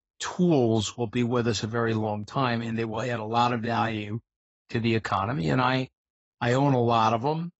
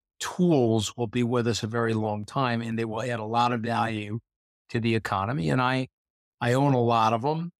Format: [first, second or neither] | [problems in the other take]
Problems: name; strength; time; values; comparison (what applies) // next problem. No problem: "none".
second | garbled, watery; badly; nothing above 7.5 kHz